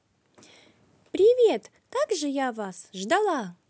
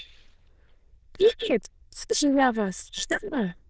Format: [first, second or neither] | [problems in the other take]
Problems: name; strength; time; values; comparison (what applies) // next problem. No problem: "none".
first | noise reduction (neural diffusion model UNIVERSE++)